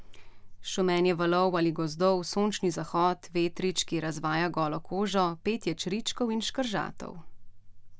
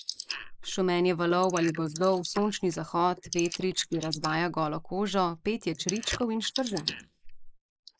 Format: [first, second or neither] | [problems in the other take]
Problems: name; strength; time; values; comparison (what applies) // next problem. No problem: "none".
first | noise reduction (neural mask model Resemble Enhance denoiser)